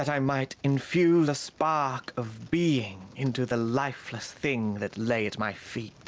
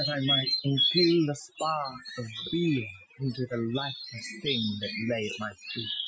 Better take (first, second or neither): first